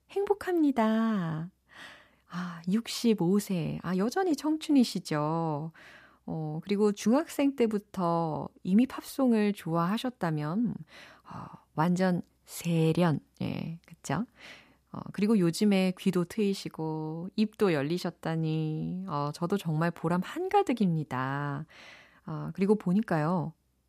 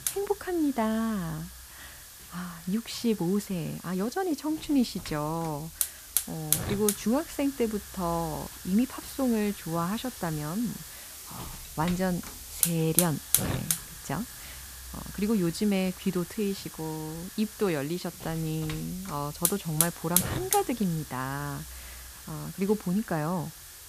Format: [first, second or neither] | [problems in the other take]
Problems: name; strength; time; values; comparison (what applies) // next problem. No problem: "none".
first | hiss; loud; throughout; 3 dB below the speech